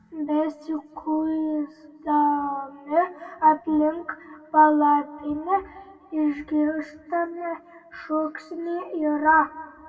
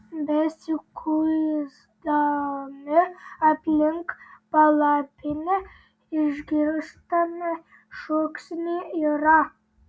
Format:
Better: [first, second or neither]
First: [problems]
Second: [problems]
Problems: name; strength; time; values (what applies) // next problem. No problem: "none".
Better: second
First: room echo; dies away in 1.8 s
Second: none